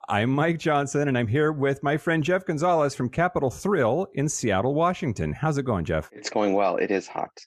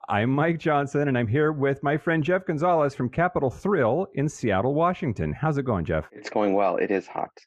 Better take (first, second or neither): first